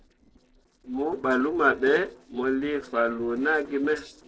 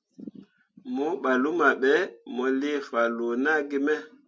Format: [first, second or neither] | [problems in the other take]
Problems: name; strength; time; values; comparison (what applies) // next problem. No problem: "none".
second | noise reduction (neural separator model SepFormer DNS4)